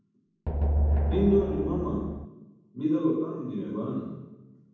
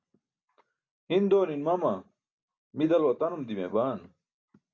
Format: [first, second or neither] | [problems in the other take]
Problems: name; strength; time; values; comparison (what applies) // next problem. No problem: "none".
second | background sound (Drum); 2 dB above the speech // room echo; dies away in 1.2 s